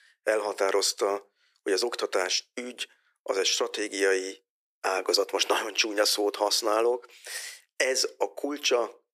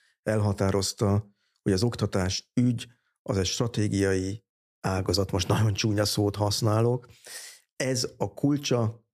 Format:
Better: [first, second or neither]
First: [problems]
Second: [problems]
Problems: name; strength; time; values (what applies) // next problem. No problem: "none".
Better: second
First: thin; very; fading below 350 Hz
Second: none